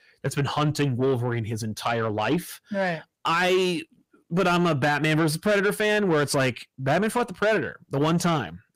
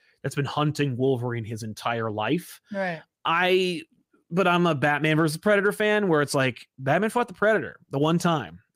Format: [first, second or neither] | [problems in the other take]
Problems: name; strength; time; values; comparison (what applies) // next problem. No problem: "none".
second | distortion; slight; 10 dB below the speech